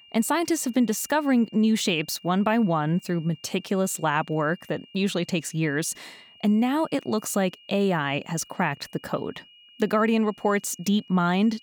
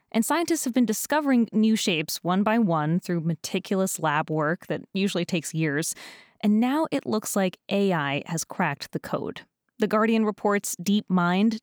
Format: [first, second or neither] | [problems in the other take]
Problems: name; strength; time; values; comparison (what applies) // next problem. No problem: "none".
second | high-pitched whine; faint; throughout; 3 kHz, 25 dB below the speech